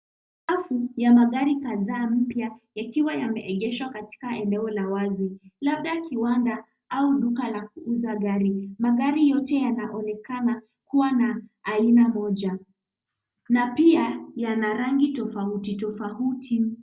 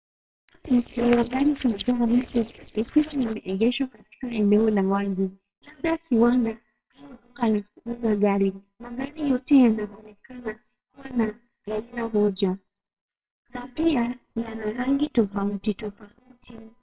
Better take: first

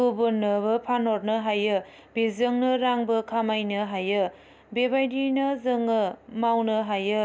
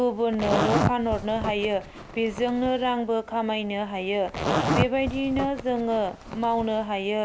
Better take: first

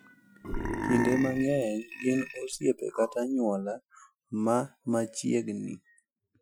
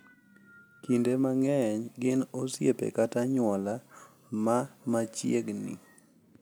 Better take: second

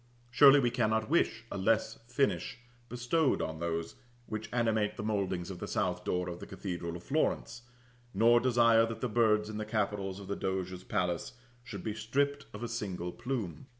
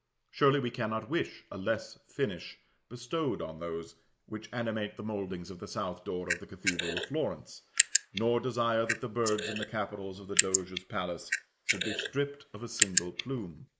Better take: first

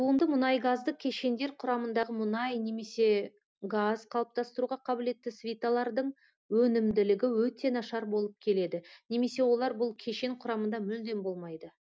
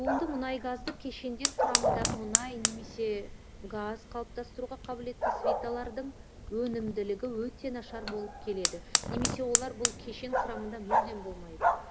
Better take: first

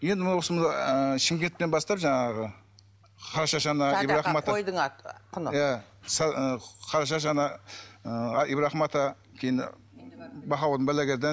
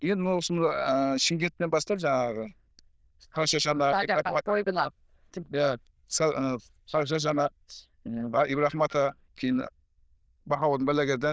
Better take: first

